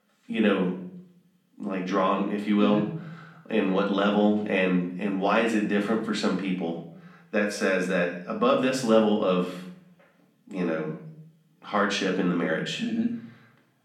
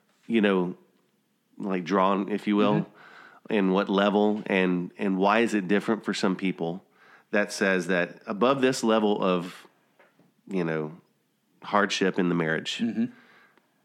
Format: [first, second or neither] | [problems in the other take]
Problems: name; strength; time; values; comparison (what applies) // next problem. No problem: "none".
second | room echo; slight; dies away in 0.6 s // off-mic speech; somewhat distant